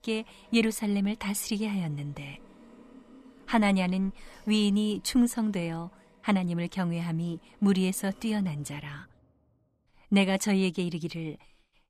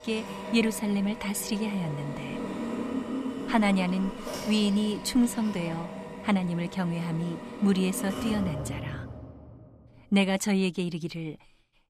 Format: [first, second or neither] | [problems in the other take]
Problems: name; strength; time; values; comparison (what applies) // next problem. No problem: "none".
first | machinery noise; loud; until 8.5 s; 9 dB below the speech; faint in the first